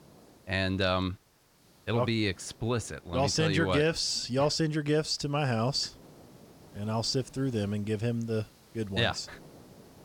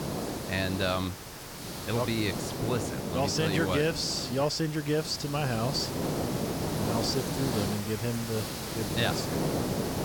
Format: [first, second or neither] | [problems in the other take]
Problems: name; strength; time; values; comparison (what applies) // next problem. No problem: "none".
first | hiss; loud; throughout; 3 dB below the speech; faint in the first